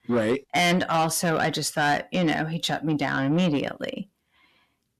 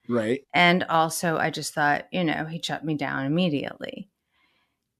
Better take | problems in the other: second | distortion; heavy; 8 dB below the speech

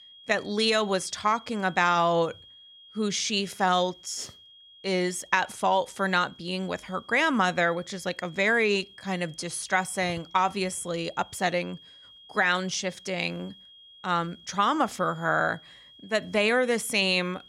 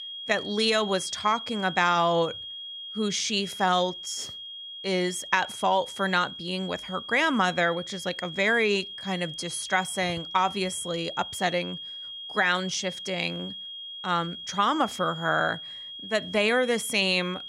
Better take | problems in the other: first | high-pitched whine; loud; throughout; 3.5 kHz, 10 dB below the speech; faint in the first

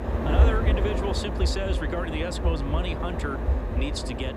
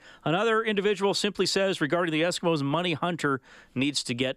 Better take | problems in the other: second | wind noise on the microphone; heavy; 1 dB below the speech

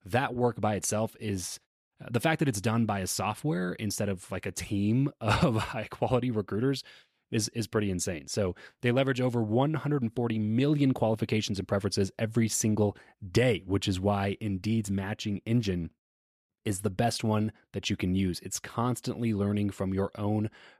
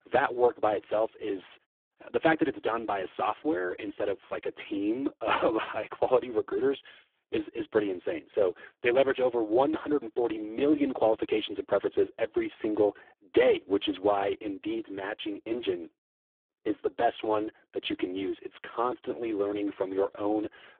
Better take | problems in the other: first | phone-call audio; poor line

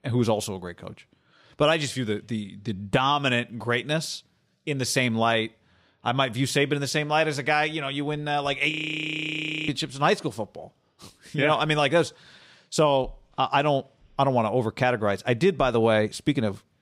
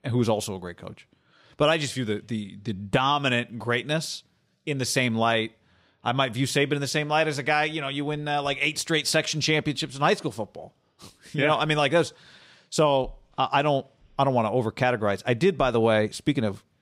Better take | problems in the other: second | audio freezing; at 8.5 s for 1 s

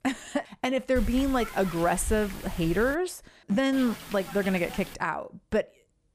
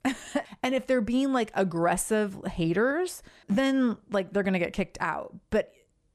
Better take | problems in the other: second | hiss; noticeable; from 1 to 3 s and from 3.5 to 5 s; 10 dB below the speech

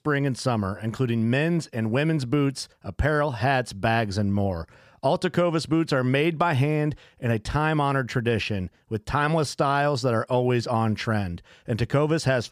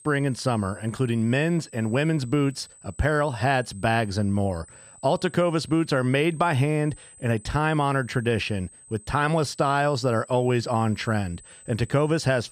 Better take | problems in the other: first | high-pitched whine; faint; throughout; 8 kHz, 20 dB below the speech

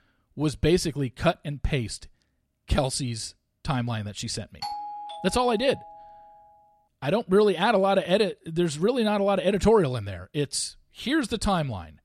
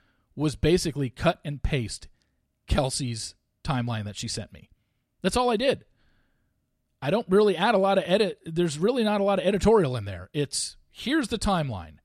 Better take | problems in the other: second | doorbell; noticeable; from 4.5 to 6 s; peak 8 dB below the speech

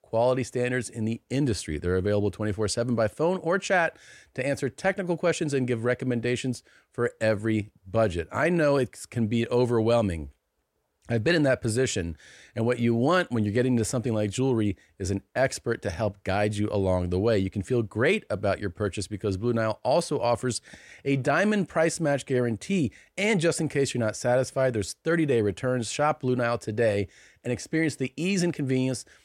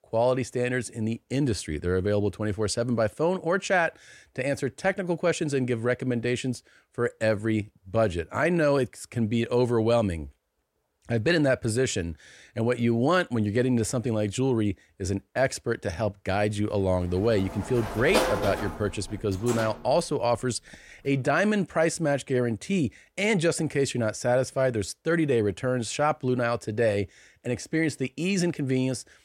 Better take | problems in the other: first | door banging; loud; from 17 to 20 s; peak 1 dB above the speech

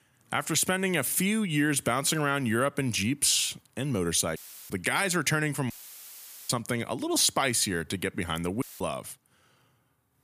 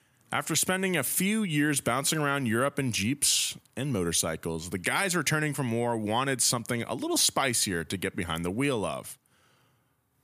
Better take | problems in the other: second | audio cutting out; filled with static; at 4.5 s, at 5.5 s for 1 s and at 8.5 s

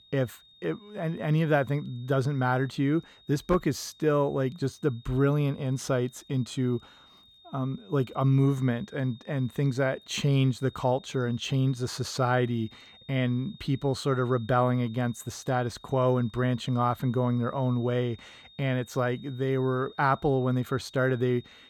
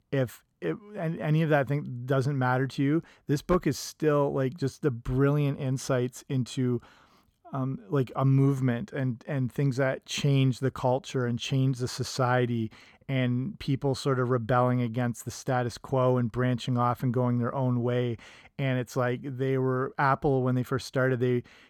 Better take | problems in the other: second | high-pitched whine; faint; throughout; 3.5 kHz, 25 dB below the speech

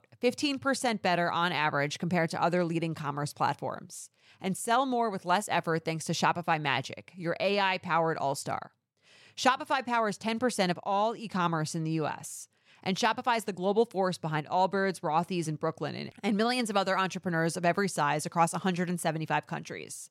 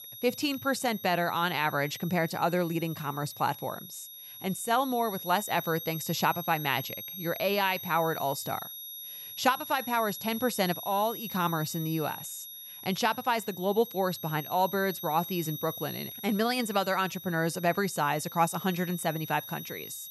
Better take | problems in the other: first | high-pitched whine; loud; throughout; 11.5 kHz, 10 dB below the speech

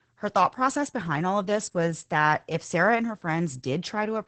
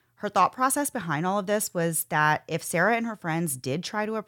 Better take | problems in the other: second | garbled, watery; badly; nothing above 8 kHz

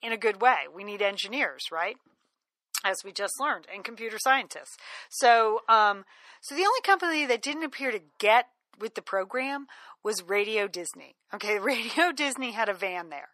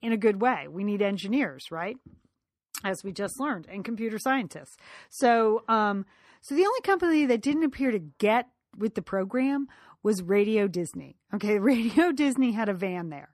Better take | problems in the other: second | thin; very; fading below 700 Hz

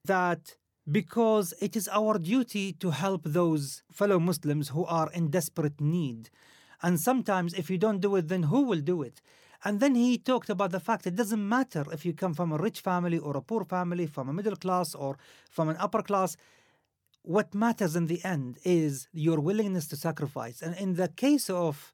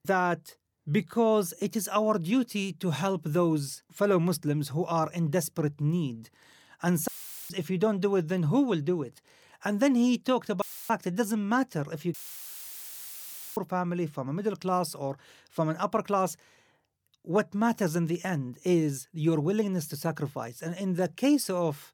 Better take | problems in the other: first | audio cutting out; filled with static; at 7 s, at 11 s and at 12 s for 1.5 s

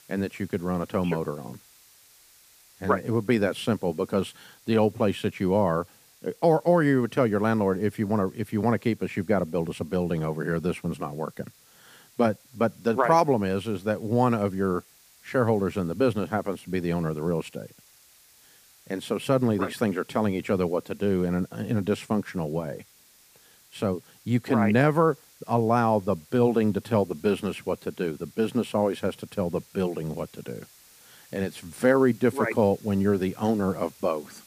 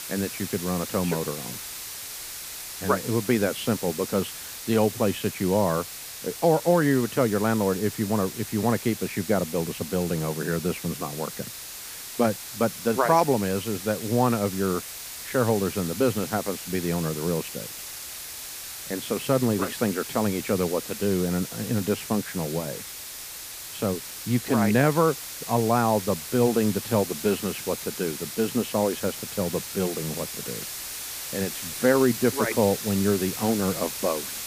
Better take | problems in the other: first | hiss; loud; throughout; 8 dB below the speech; faint in the first

